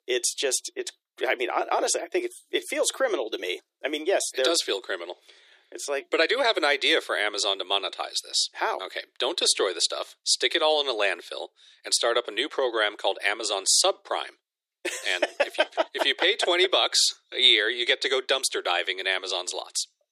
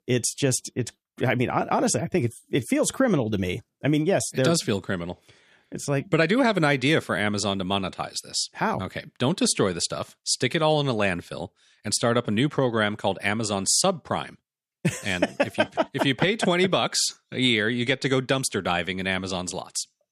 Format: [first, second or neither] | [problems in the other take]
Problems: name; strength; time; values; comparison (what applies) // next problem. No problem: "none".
second | thin; very; fading below 350 Hz